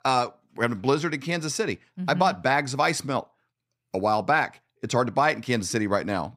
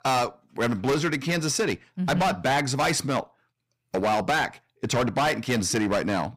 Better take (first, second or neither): first